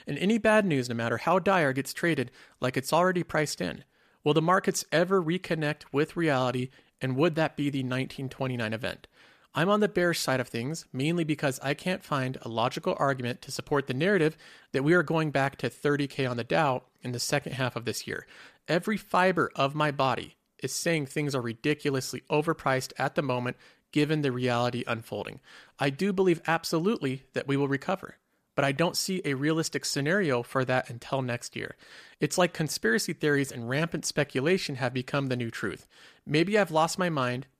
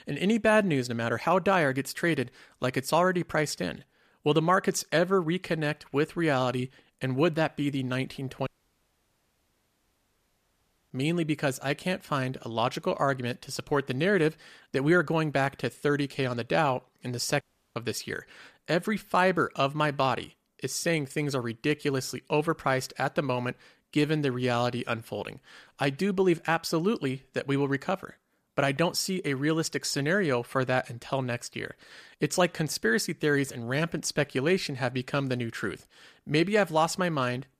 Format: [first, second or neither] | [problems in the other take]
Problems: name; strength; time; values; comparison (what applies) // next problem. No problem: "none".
first | audio cutting out; at 8.5 s for 2.5 s and at 17 s